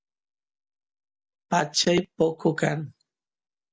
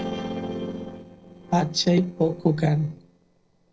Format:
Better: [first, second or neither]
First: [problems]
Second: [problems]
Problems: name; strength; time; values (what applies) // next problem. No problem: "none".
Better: first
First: none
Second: noise reduction (neural separator model SepFormer DNS4)